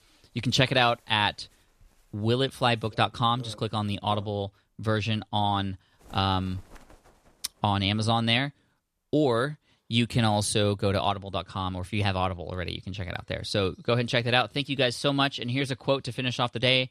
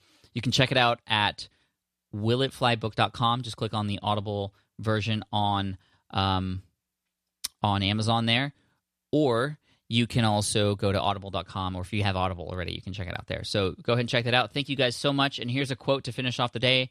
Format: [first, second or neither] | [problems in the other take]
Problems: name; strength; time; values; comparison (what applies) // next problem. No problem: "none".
second | animal sounds; faint; throughout; 30 dB below the speech